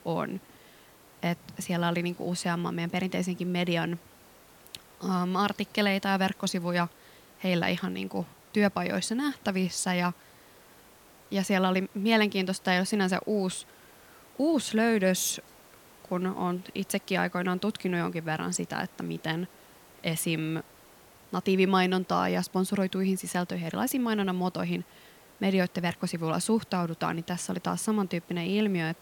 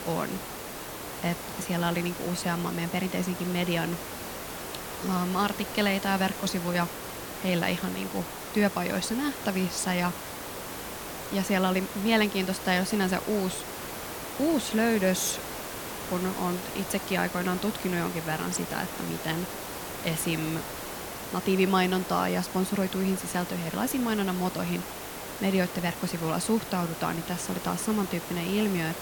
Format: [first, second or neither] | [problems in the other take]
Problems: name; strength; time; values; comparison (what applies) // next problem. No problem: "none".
first | hiss; loud; throughout; 7 dB below the speech; faint in the first